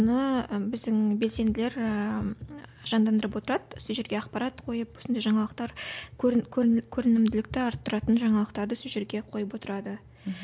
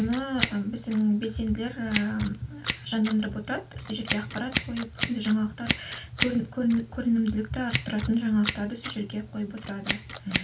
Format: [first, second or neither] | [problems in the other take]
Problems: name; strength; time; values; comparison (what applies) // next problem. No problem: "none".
first | background sound (Scissors); 7 dB below the speech // room echo; dies away in 0.2 s